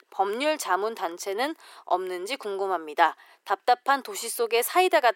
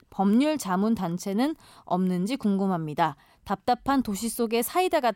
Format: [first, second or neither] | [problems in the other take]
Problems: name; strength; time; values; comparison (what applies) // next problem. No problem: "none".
second | thin; very; fading below 350 Hz